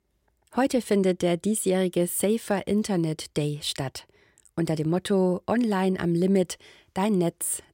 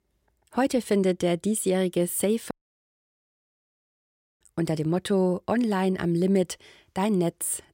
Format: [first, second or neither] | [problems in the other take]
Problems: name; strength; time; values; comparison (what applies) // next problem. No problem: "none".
first | audio cutting out; at 2.5 s for 2 s